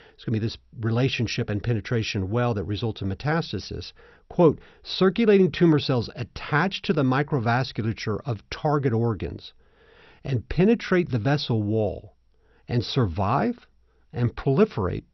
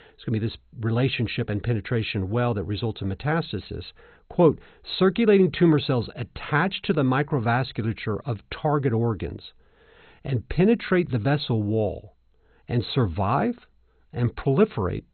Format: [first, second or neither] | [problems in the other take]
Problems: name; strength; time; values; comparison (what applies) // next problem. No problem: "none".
first | garbled, watery; badly; nothing above 4 kHz; slightly in the first